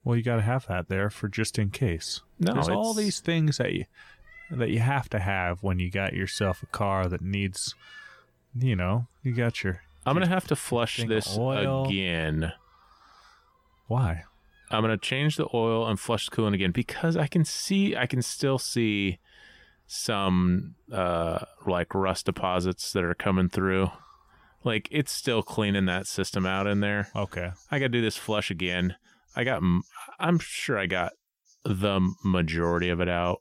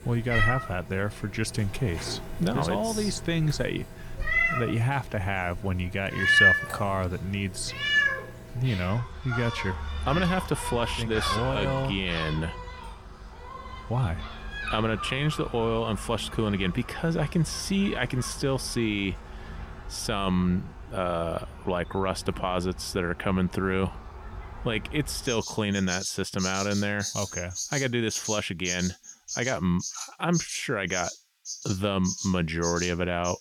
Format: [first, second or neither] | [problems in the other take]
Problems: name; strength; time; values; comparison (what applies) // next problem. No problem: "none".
first | animal sounds; loud; throughout; 2 dB below the speech; faint in the first